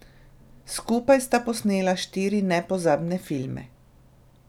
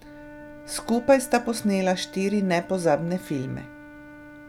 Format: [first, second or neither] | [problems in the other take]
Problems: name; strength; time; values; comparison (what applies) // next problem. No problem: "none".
first | background sound (Wind instrument, woodwind instrument); 18 dB below the speech